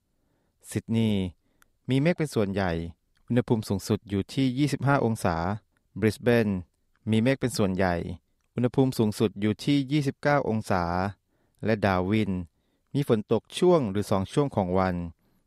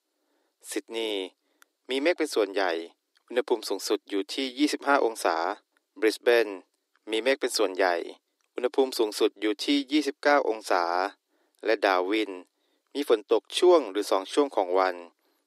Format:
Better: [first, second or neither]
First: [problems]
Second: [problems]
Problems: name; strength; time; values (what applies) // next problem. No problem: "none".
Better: first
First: none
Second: thin; somewhat; fading below 300 Hz